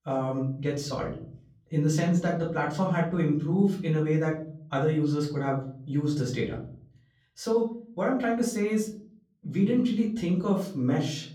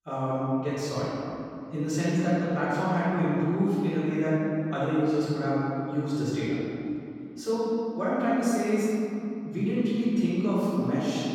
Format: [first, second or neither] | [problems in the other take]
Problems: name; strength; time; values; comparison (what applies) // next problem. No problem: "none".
first | room echo; strong; dies away in 2.9 s; slight in the first // off-mic speech; far; far in the first